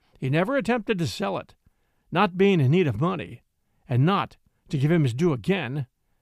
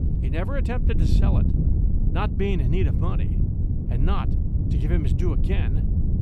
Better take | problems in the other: first | wind noise on the microphone; heavy; 4 dB below the speech

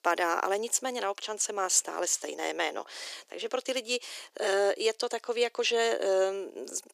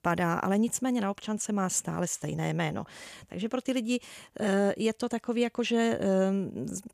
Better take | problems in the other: second | thin; very; fading below 350 Hz

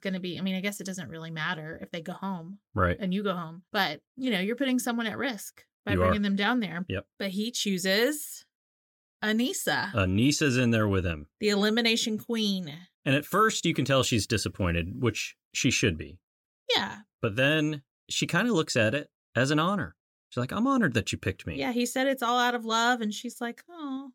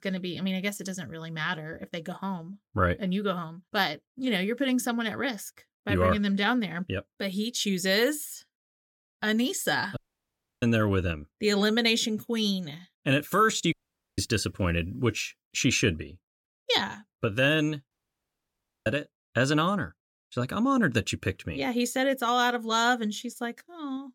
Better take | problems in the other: first | audio cutting out; at 10 s for 0.5 s, at 14 s and at 18 s for 1 s

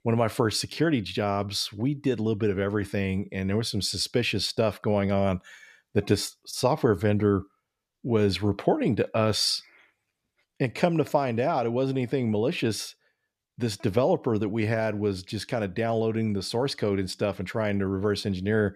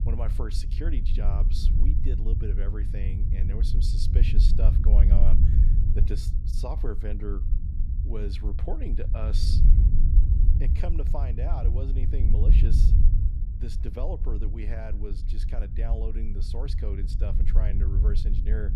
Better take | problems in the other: first | low rumble; loud; throughout; 3 dB below the speech

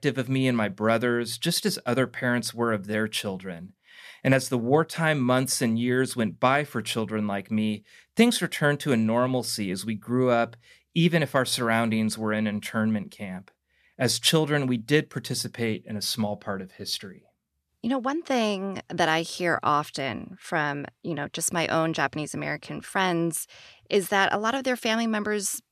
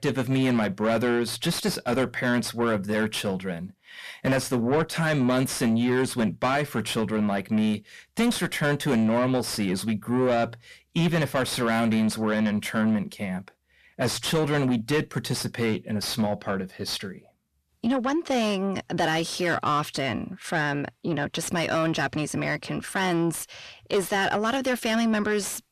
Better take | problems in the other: first | distortion; heavy; 7 dB below the speech

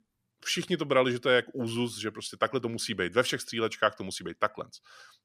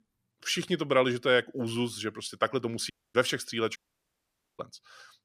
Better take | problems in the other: first | audio cutting out; at 3 s and at 4 s for 1 s

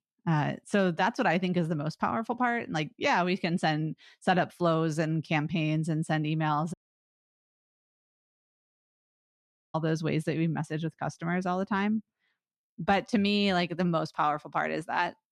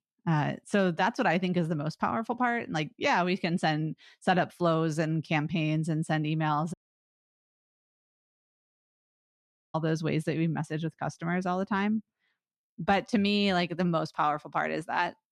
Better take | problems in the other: neither | audio cutting out; at 6.5 s for 3 s; the same in both

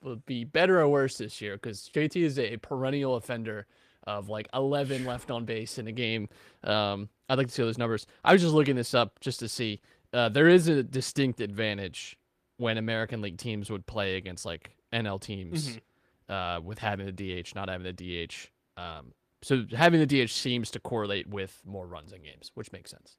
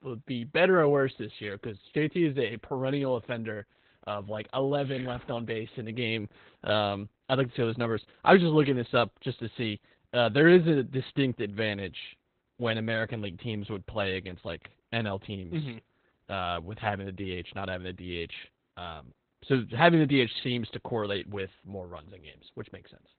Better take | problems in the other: first | garbled, watery; badly; nothing above 4 kHz; slightly in the first

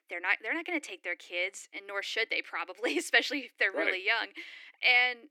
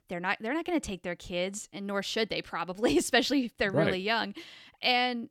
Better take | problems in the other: second | thin; somewhat; fading below 300 Hz

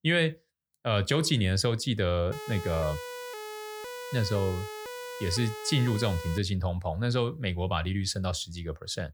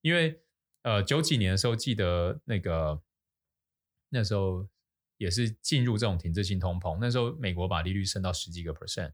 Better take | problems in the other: second | siren; noticeable; from 2.5 to 6.5 s; peak 9 dB below the speech

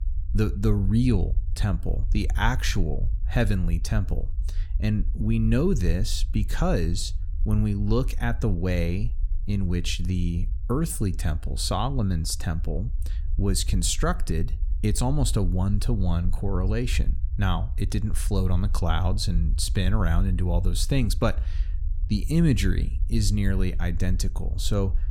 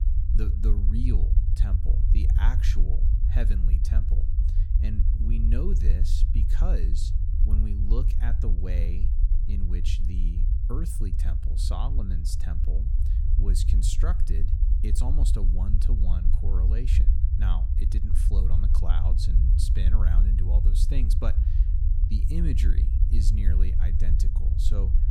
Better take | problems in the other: first | low rumble; loud; throughout; 3 dB below the speech; faint in the first

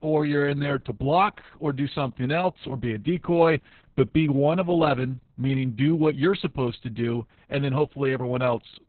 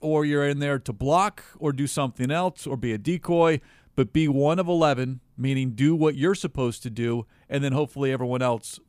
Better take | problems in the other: second | garbled, watery; badly; nothing above 4 kHz

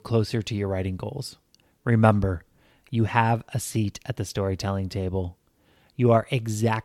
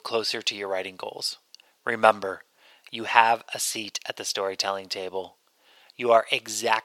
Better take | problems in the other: first | thin; very; fading below 700 Hz

